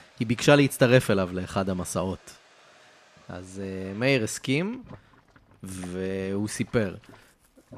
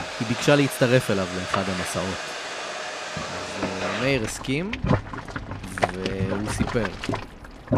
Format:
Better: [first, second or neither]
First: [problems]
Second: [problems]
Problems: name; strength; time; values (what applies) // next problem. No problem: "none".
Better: first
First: household noises; faint; throughout; 30 dB below the speech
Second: household noises; loud; throughout; 4 dB below the speech